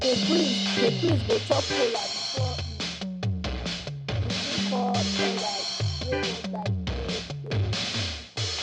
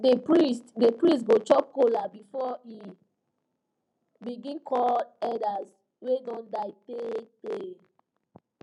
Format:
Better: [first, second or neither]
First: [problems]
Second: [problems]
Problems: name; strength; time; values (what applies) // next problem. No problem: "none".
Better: second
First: background sound (Electric guitar + Drum kit); 3 dB above the speech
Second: none